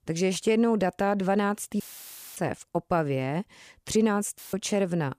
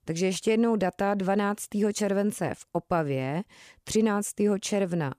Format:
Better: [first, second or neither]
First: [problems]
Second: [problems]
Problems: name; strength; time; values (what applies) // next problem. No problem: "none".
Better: second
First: audio cutting out; filled with static; at 2 s for 0.5 s and at 4.5 s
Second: none